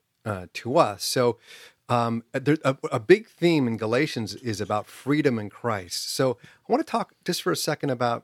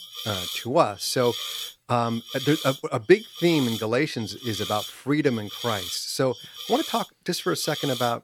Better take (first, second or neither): first